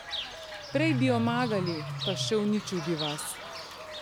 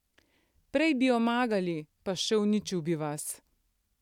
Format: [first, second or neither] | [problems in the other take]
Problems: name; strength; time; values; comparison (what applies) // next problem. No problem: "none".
second | background sound (Bird / Fowl); 5 dB below the speech